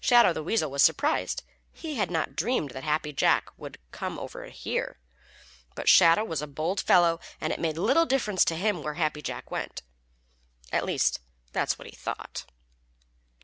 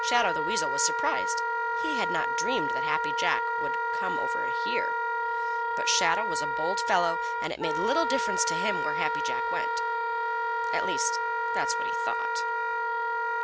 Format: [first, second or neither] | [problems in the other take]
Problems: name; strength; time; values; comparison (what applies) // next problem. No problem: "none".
first | background sound (Wind instrument, woodwind instrument); 4 dB above the speech